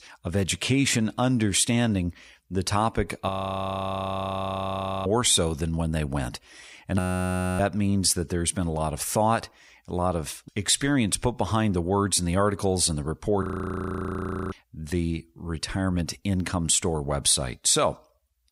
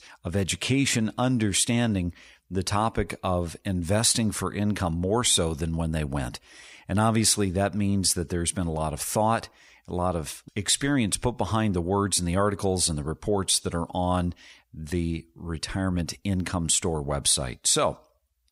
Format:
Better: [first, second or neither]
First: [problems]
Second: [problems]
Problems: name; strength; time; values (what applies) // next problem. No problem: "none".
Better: second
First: audio freezing; at 3.5 s for 2 s, at 7 s for 0.5 s and at 13 s for 1 s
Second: none